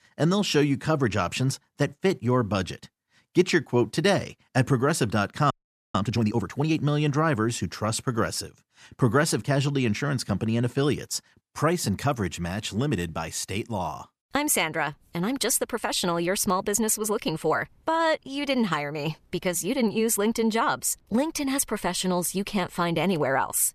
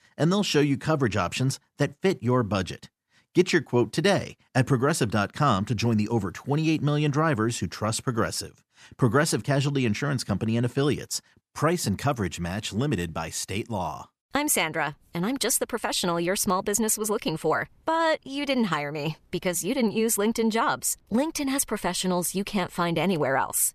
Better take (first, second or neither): second